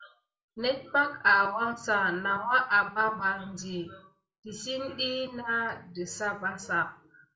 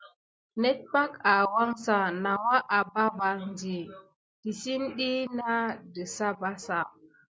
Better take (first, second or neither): second